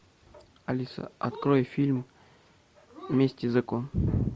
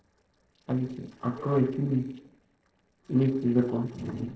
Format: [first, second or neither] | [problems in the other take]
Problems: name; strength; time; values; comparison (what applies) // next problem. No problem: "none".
first | noise reduction (neural separator model SepFormer DNS4)